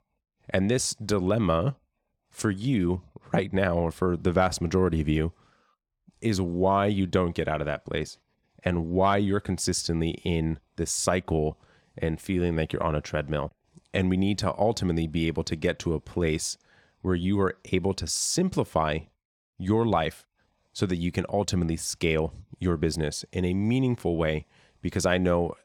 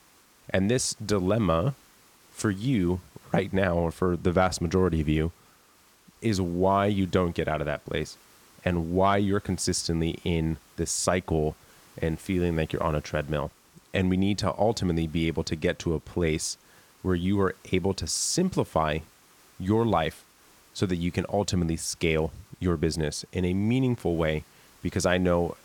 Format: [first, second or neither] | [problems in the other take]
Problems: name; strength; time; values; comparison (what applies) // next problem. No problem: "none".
first | hiss; faint; throughout; 30 dB below the speech